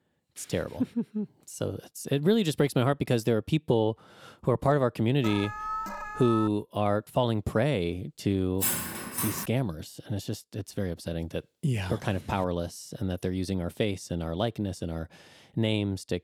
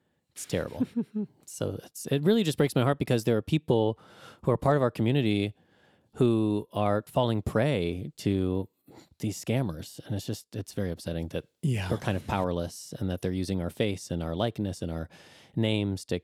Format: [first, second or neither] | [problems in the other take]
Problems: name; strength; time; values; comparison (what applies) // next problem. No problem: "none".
second | alarm; noticeable; from 5 to 6.5 s; peak 4 dB below the speech // clattering dishes; loud; at 8.5 s; peak 2 dB above the speech